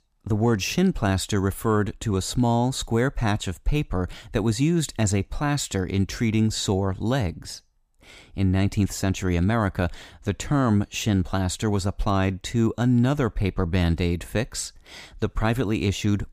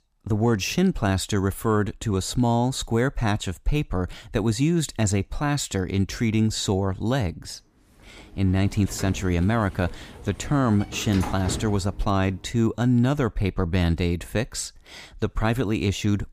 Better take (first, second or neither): first